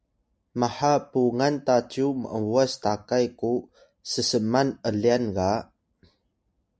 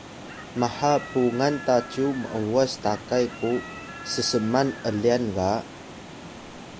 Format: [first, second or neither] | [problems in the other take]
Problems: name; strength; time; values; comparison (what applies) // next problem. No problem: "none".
first | background sound (Chicken, rooster + Water); 13 dB below the speech